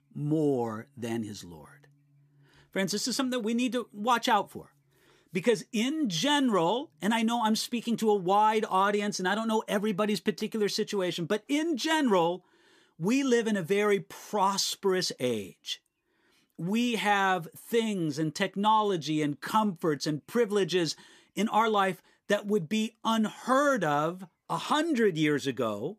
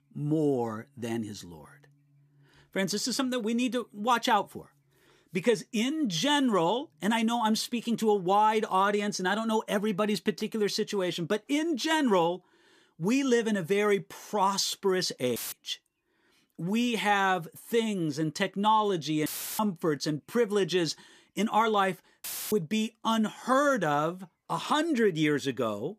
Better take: first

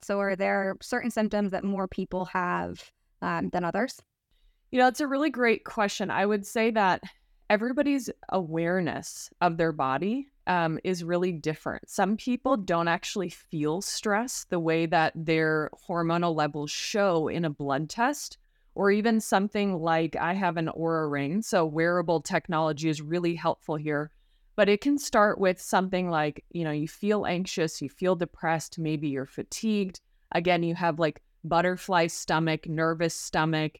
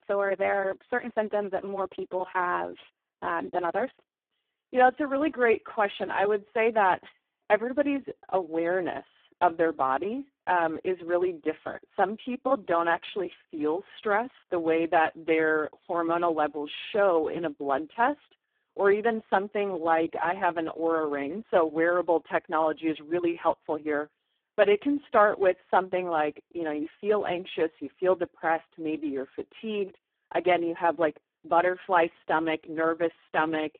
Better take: first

